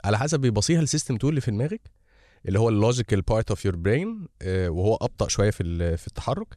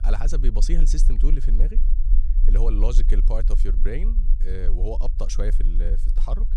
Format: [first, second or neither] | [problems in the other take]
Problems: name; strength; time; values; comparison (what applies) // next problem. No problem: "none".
first | low rumble; noticeable; throughout; 10 dB below the speech